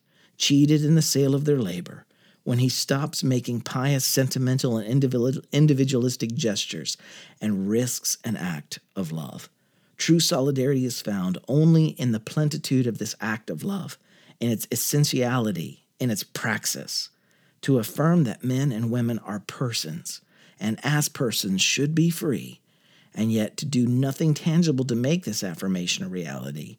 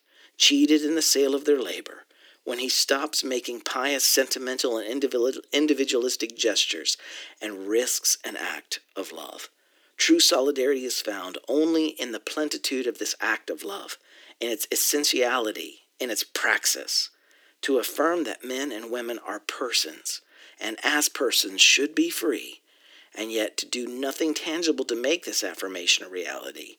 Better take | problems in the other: first | thin; somewhat; fading below 300 Hz

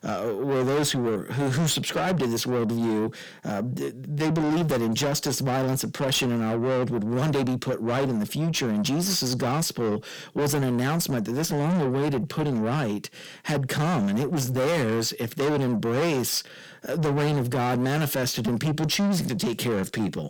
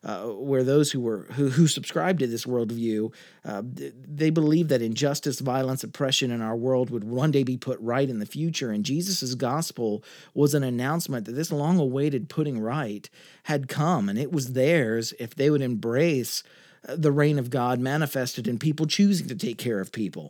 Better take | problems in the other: second | distortion; heavy; 6 dB below the speech

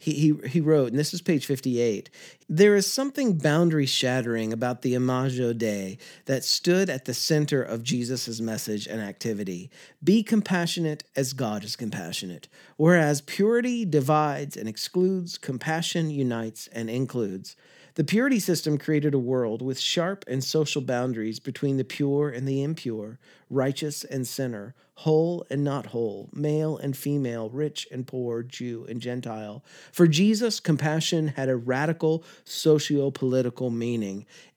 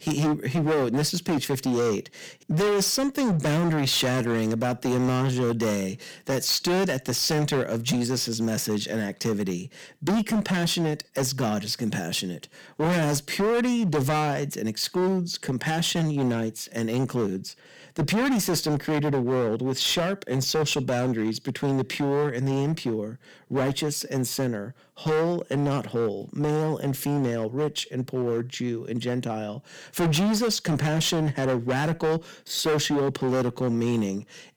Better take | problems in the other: first | distortion; heavy; 18% of the sound clipped

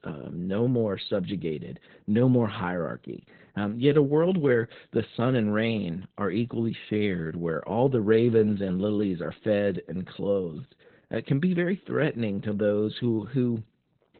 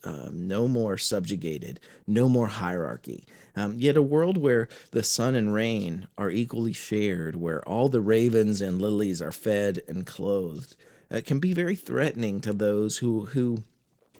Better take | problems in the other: second | garbled, watery; badly; nothing above 4 kHz; slightly in the second

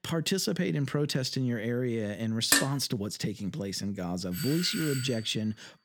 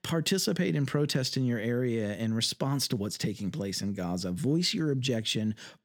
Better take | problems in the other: second | clattering dishes; loud; at 2.5 s; peak 6 dB above the speech // doorbell; noticeable; at 4.5 s; peak 5 dB below the speech

